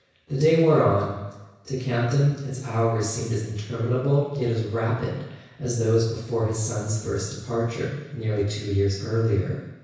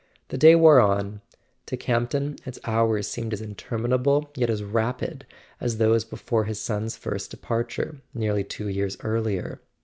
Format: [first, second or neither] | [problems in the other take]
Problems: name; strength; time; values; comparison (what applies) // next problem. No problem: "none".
second | room echo; dies away in 1.1 s